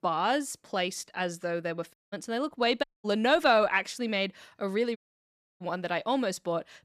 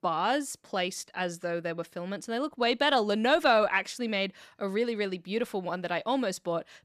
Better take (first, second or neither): second